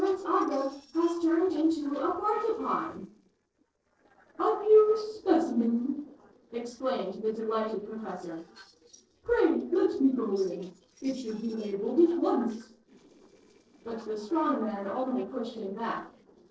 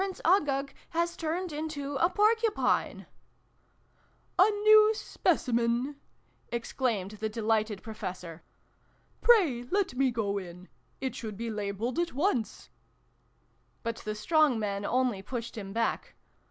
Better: second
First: noise reduction (neural separator model SepFormer DNS4)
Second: none

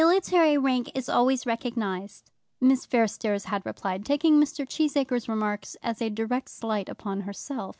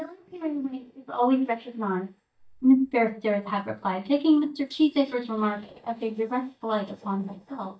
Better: first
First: none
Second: noise reduction (neural mask model DeepFilterNet 3)

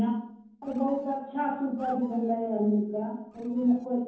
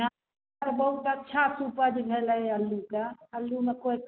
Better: second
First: noise reduction (neural separator model SepFormer DNS4)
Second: none

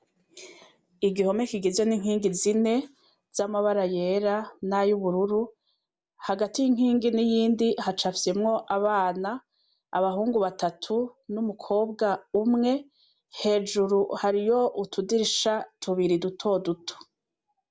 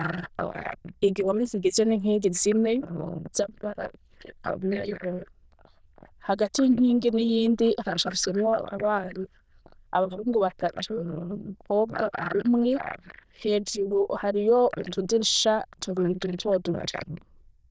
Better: first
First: none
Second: noise reduction (neural diffusion model UNIVERSE++)

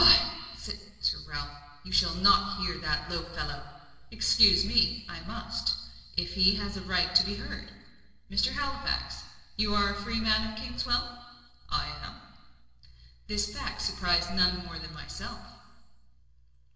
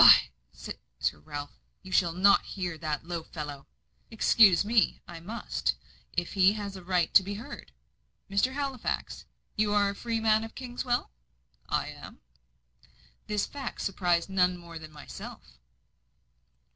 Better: second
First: room echo; dies away in 1.4 s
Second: none

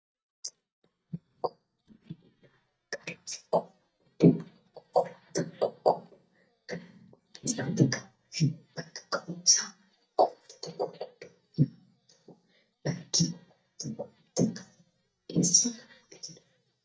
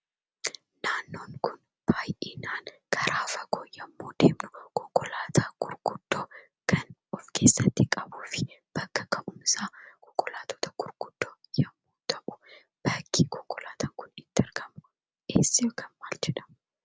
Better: second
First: noise reduction (neural mask model DeepFilterNet 3)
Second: none

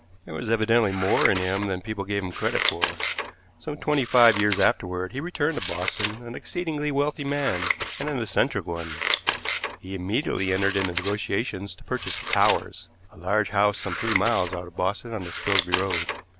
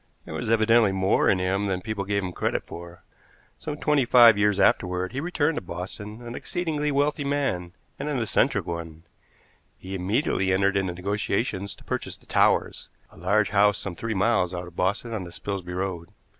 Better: second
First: background sound (Scissors); 6 dB below the speech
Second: none

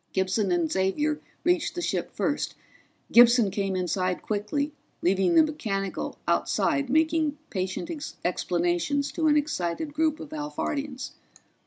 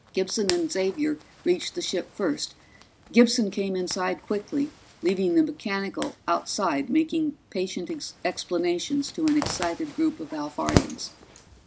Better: first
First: none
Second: background sound (Zipper (clothing)); 11 dB below the speech

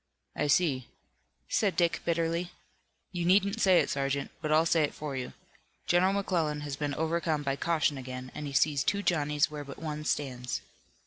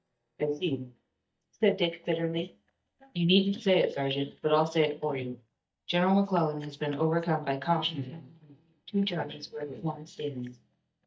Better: first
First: none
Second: noise reduction (neural mask model DeepFilterNet 3)

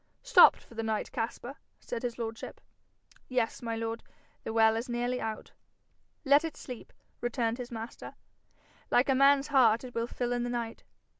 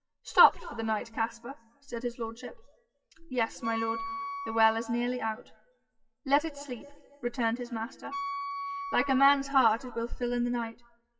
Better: first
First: none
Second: noise reduction (classical method WPE with log-MMSE)

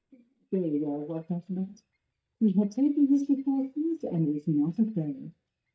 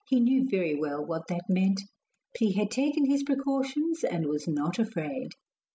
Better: second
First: noise reduction (neural mask model DeepFilterNet 3)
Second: none

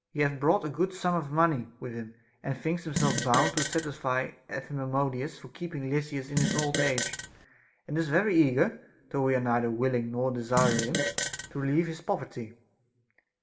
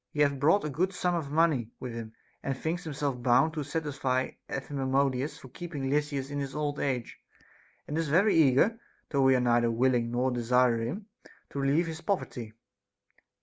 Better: second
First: background sound (Fart); 2 dB below the speech // room echo; dies away in 0.6 s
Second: none

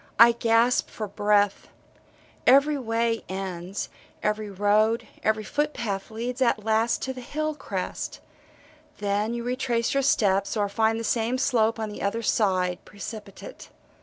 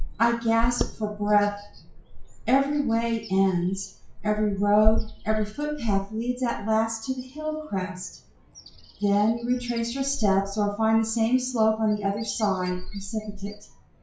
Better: first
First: none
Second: noise reduction (classical method WPE with log-MMSE)

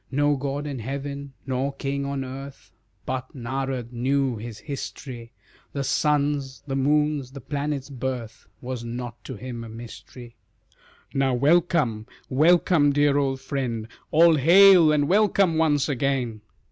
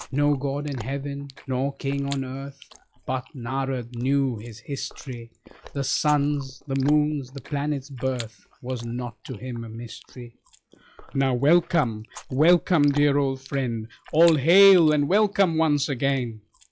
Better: first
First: none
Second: noise reduction (classical method log-MMSE)

